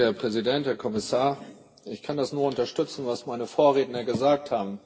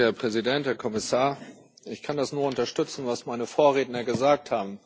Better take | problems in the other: second | room echo; dies away in 0.9 s

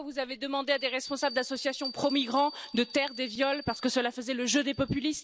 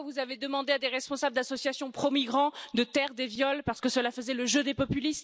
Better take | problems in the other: second | background sound (Bell); 16 dB below the speech

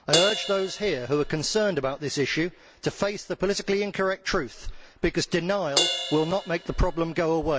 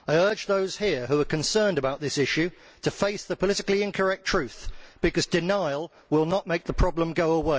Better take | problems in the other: second | background sound (Crash cymbal); 8 dB below the speech

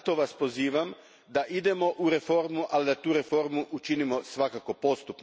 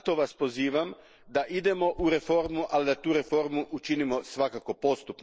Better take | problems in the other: first | noise reduction (neural mask model Resemble Enhance denoiser)

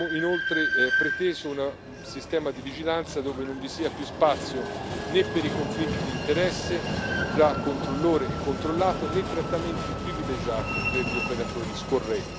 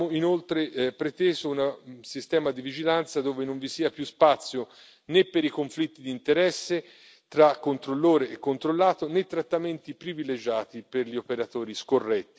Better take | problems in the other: second | background sound (Train); 2 dB below the speech

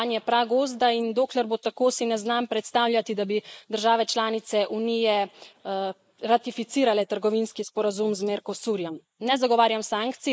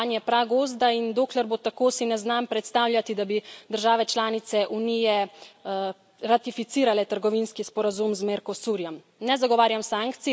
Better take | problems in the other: second | noise reduction (neural mask model Resemble Enhance denoiser)

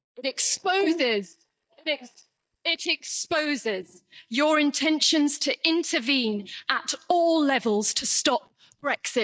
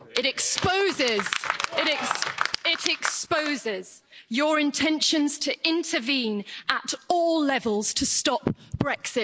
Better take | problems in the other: second | noise reduction (neural mask model DeepFilterNet 3)

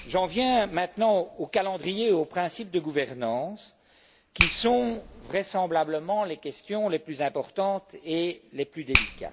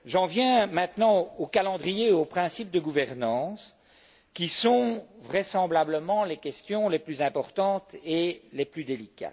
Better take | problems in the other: second | background sound (Finger snapping); 8 dB below the speech

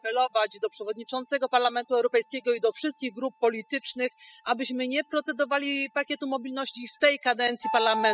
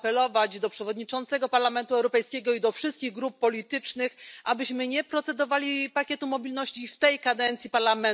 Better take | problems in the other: second | noise reduction (classical method spectral subtraction)

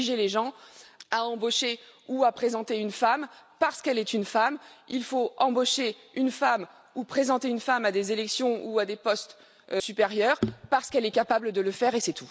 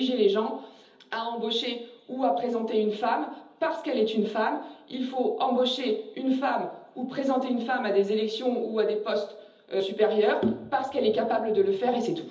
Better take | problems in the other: first | room echo; dies away in 1.2 s

